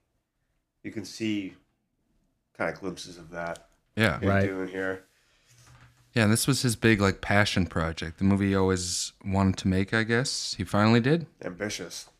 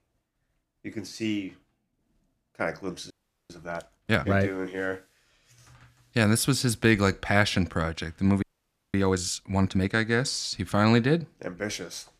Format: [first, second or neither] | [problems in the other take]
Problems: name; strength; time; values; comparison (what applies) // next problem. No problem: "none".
first | audio freezing; at 3 s and at 8.5 s for 0.5 s